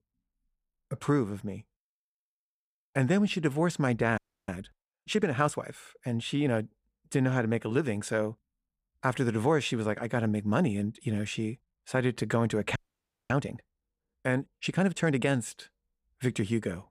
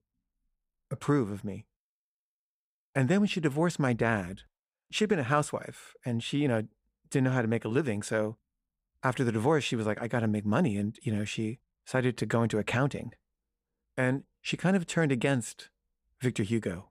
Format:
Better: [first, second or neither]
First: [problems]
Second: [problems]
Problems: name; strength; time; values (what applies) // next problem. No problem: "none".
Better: second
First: audio freezing; at 4 s and at 13 s for 0.5 s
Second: none